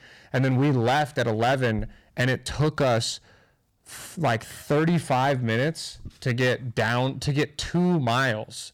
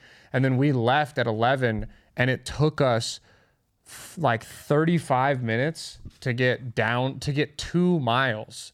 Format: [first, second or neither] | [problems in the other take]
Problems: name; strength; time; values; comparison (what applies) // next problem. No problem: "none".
second | distortion; slight; 10% of the sound clipped